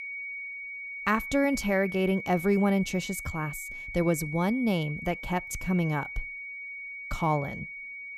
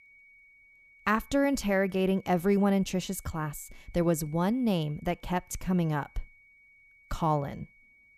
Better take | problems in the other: second | high-pitched whine; loud; throughout; 2 kHz, 9 dB below the speech; faint in the second

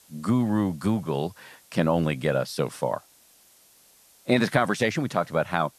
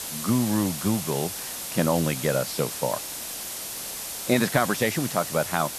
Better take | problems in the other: first | hiss; loud; throughout; 5 dB below the speech; faint in the first

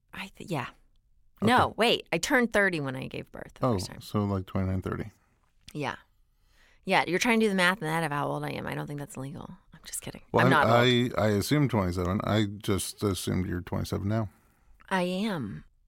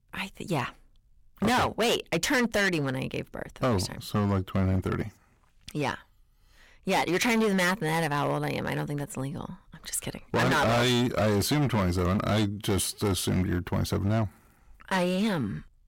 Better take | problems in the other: first | distortion; heavy; 13% of the sound clipped

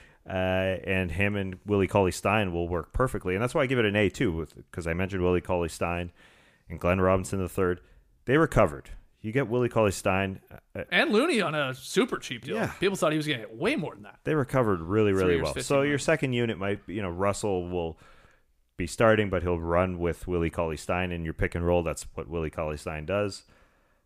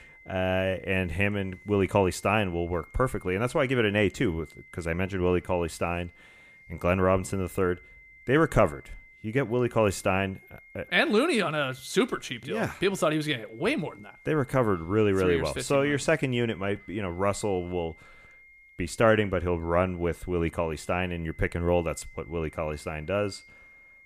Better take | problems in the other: first | high-pitched whine; faint; throughout; 2 kHz, 25 dB below the speech

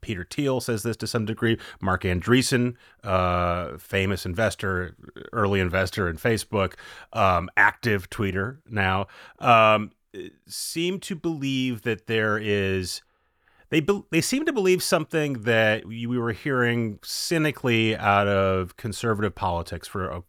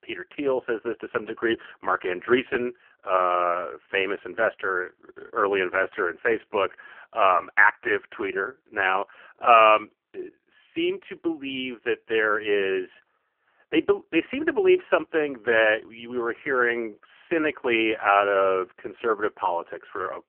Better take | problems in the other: first | phone-call audio; poor line; nothing above 3 kHz

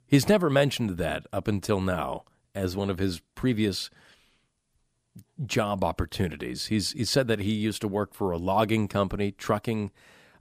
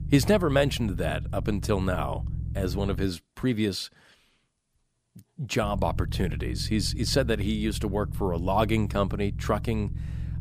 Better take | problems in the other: first | low rumble; noticeable; until 3 s and from 5.5 s on; 20 dB below the speech

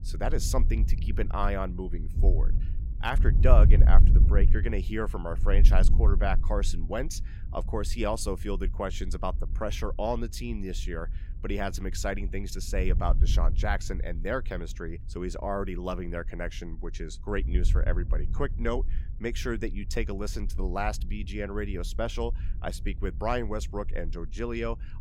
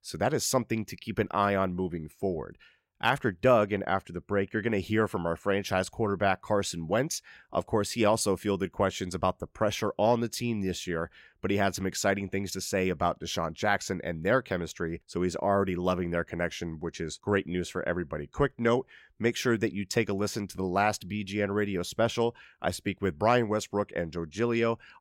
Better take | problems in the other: second | wind noise on the microphone; occasional gusts; 15 dB below the speech

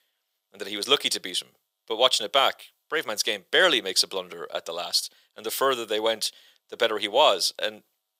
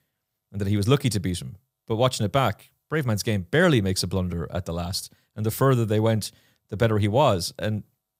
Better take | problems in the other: second | thin; very; fading below 450 Hz

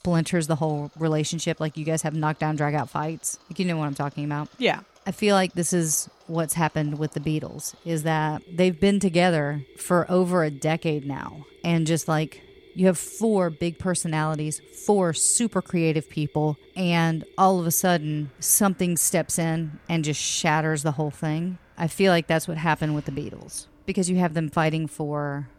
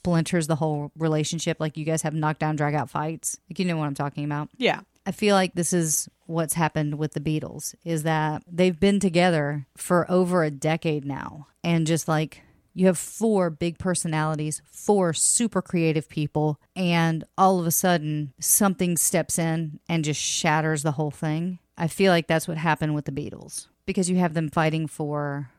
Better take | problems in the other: second | machinery noise; faint; throughout; 30 dB below the speech

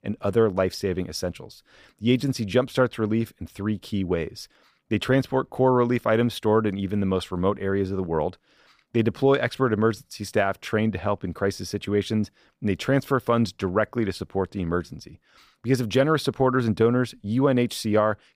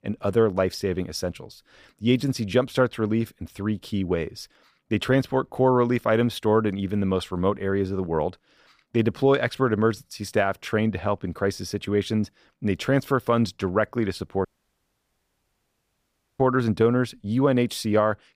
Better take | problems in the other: first | audio cutting out; at 14 s for 2 s

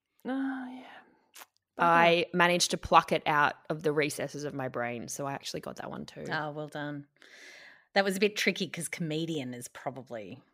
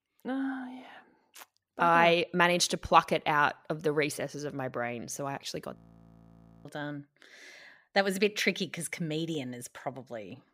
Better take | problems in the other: first | audio freezing; at 6 s for 1 s

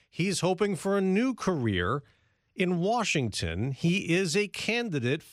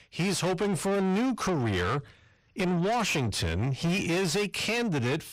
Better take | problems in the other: first | distortion; heavy; 8 dB below the speech

